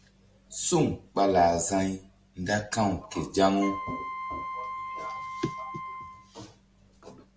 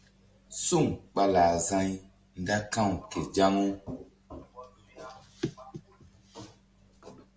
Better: second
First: background sound (Wind instrument, woodwind instrument); 8 dB below the speech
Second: none

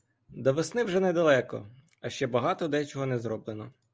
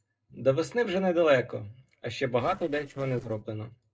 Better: first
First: none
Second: noise reduction (neural separator model SepFormer DNS4)

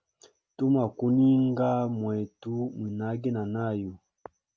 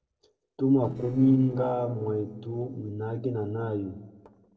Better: first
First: none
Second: noise reduction (neural separator model SepFormer DNS4)

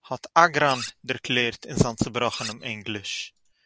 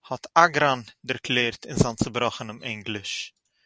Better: second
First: background sound (Cutlery, silverware); 15 dB below the speech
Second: none

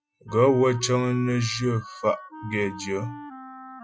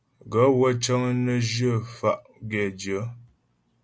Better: second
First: noise reduction (classical method Wiener filter)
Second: none

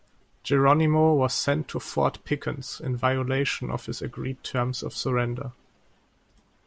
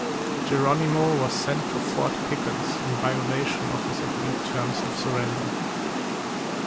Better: first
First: none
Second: background sound (Water); 1 dB above the speech

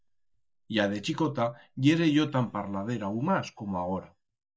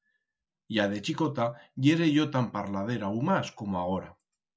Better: second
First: noise reduction (neural mask model DeepFilterNet 3)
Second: none

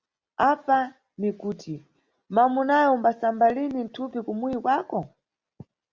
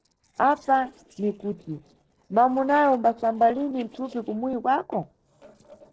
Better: first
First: none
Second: noise reduction (neural separator model SepFormer DNS4)

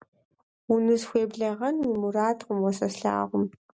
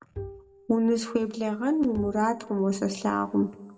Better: first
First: none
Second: background sound (Bowed string instrument); 17 dB below the speech // room echo; dies away in 0.7 s

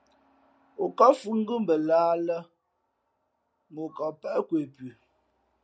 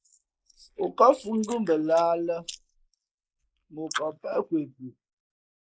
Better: first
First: none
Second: noise reduction (neural mask model Resemble Enhance denoiser)

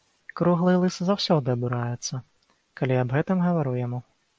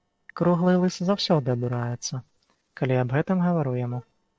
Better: first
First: none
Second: noise reduction (neural separator model SepFormer DNS4)

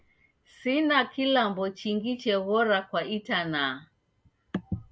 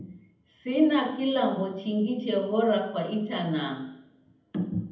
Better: first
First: none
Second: room echo; dies away in 0.8 s

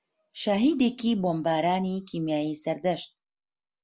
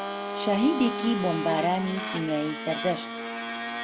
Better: first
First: none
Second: background sound (Domestic sounds, home sounds); 5 dB below the speech

